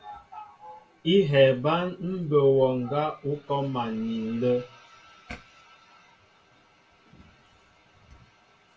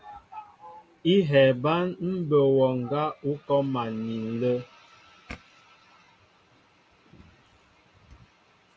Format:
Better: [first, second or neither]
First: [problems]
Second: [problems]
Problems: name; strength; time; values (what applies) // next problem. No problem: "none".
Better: second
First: room echo; dies away in 0.2 s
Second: none